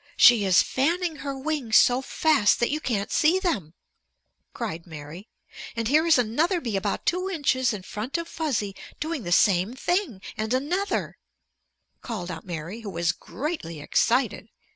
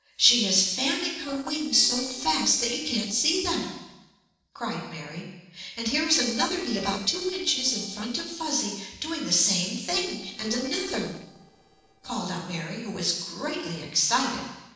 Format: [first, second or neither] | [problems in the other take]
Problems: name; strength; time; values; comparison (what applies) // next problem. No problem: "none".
first | noise reduction (neural separator model SepFormer DNS4)